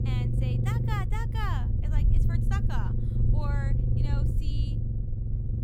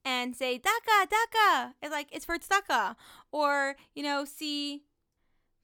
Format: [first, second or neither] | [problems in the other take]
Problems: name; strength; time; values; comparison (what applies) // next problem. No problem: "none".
second | low rumble; loud; throughout; 1 dB below the speech